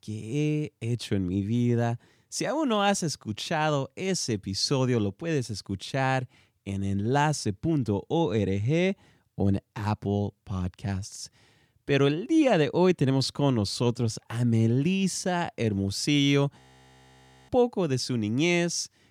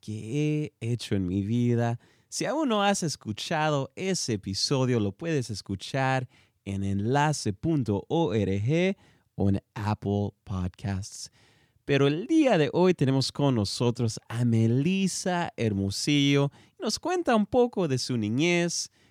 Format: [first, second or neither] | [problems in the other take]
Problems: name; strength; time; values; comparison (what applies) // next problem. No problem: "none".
second | audio freezing; at 17 s for 1 s